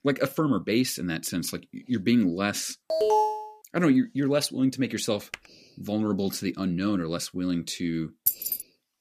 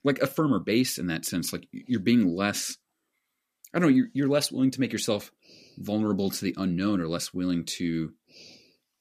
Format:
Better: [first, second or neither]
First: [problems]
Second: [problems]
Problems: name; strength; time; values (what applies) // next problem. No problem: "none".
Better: second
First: alarm; loud; at 3 s; peak 4 dB above the speech // keyboard typing; very faint; at 5.5 s; peak 15 dB below the speech // jangling keys; loud; at 8.5 s; peak 2 dB above the speech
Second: none